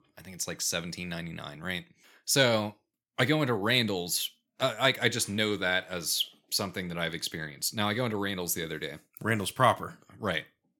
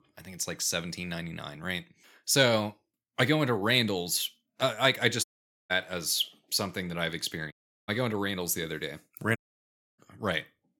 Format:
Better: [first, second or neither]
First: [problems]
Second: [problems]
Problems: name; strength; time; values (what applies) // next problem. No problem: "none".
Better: first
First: none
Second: audio cutting out; at 5 s, at 7.5 s and at 9.5 s for 0.5 s